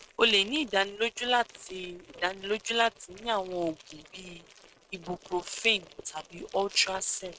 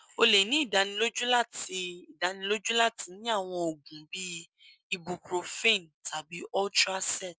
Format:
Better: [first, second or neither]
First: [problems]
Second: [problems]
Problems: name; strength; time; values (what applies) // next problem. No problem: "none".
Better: second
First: noise reduction (neural mask model RNNoise)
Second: none